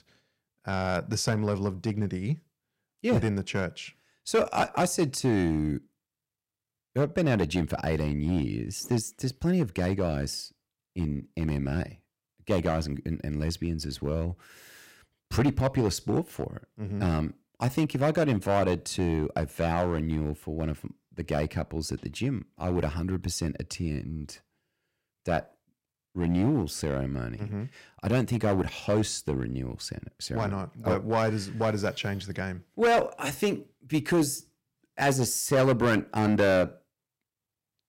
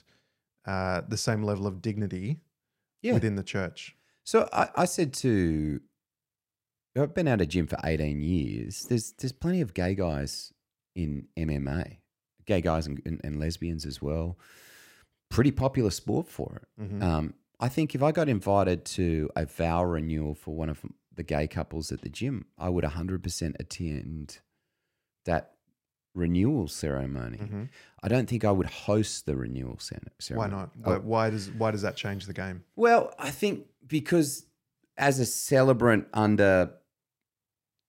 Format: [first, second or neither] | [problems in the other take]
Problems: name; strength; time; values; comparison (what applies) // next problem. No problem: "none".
second | distortion; slight; 4% of the sound clipped